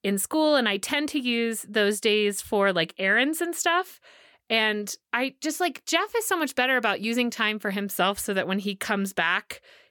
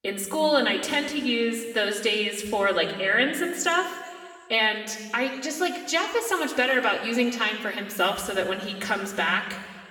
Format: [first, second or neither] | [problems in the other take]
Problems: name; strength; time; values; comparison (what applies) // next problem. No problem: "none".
first | room echo; slight; dies away in 1.6 s // off-mic speech; somewhat distant